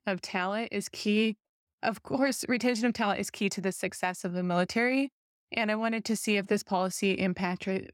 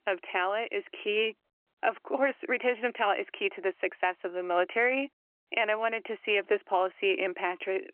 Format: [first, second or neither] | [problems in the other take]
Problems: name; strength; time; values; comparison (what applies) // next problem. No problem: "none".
first | phone-call audio; nothing above 3 kHz